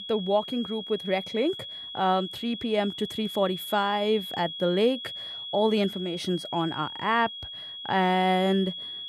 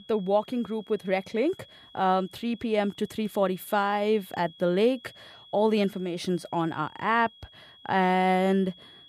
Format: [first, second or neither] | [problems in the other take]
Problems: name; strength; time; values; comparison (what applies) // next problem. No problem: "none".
second | high-pitched whine; loud; throughout; 3.5 kHz, 8 dB below the speech; faint in the second